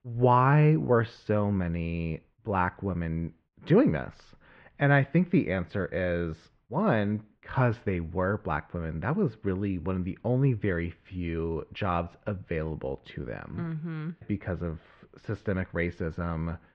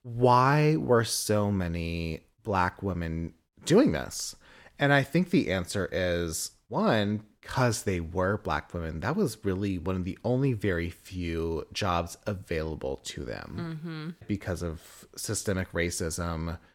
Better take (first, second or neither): second